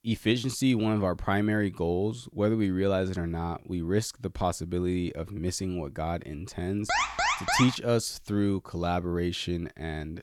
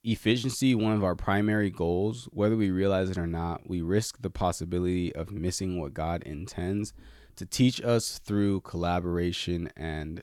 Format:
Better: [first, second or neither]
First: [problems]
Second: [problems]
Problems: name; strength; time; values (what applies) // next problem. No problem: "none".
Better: second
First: alarm; loud; at 7 s; peak 4 dB above the speech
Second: none